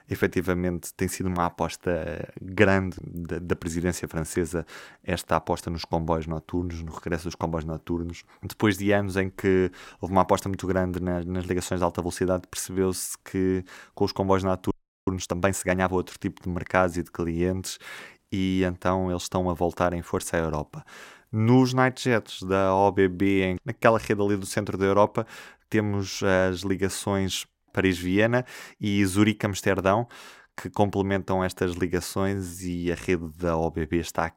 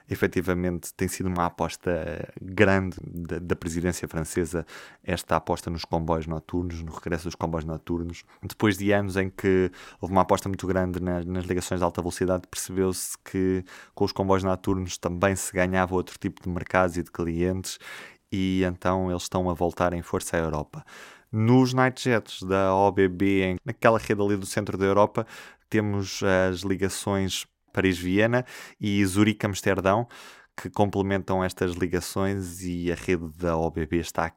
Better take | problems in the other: second | audio freezing; at 15 s

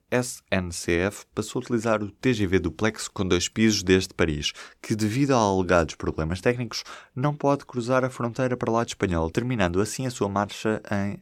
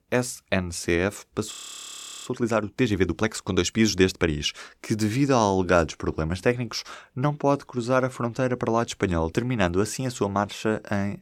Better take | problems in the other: first | audio freezing; at 1.5 s for 0.5 s

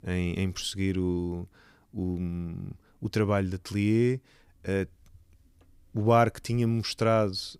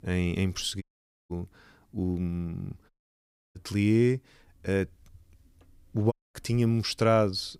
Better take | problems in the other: first | audio cutting out; at 1 s, at 3 s for 0.5 s and at 6 s

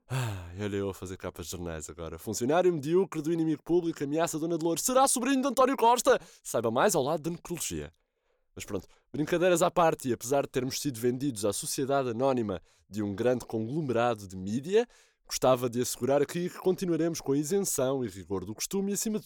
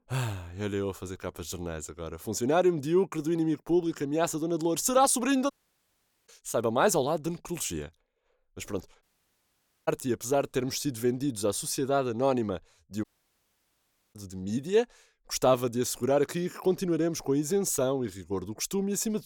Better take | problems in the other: first | audio cutting out; at 5.5 s for 1 s, at 9 s for 1 s and at 13 s for 1 s

